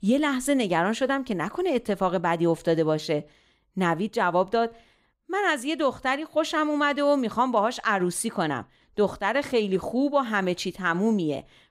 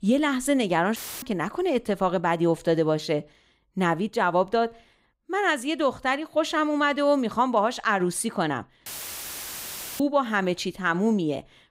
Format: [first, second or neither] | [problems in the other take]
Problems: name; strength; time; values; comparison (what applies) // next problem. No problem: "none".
first | audio cutting out; filled with static; at 1 s and at 9 s for 1 s